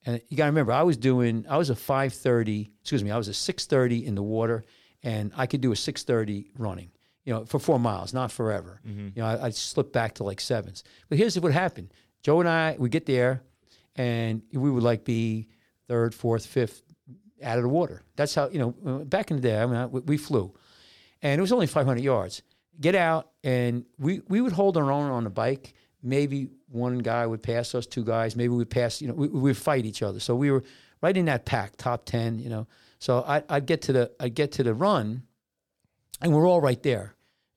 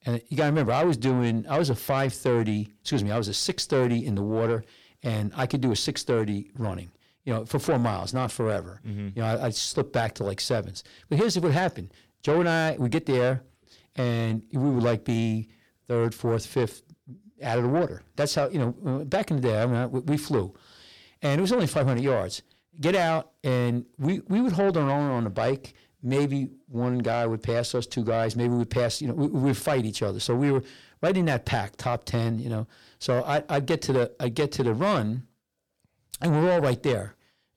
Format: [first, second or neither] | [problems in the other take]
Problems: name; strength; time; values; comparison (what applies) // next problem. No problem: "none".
first | distortion; slight; 10 dB below the speech